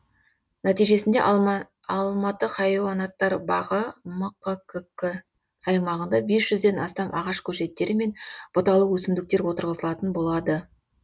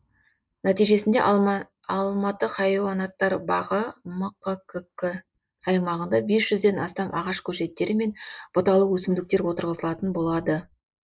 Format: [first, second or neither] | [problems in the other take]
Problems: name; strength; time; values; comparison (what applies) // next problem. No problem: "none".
first | noise reduction (neural mask model Resemble Enhance denoiser)